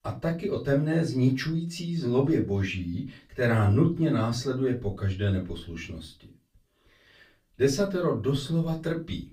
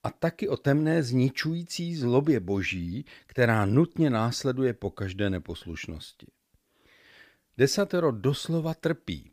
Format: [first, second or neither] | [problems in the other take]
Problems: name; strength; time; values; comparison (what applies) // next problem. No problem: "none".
second | off-mic speech; far // room echo; very slight; dies away in 0.2 s